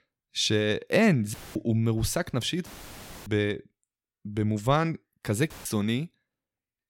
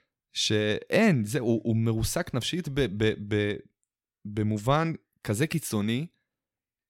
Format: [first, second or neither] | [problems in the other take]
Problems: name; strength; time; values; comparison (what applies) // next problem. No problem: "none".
second | audio cutting out; filled with static; at 1.5 s, at 2.5 s for 0.5 s and at 5.5 s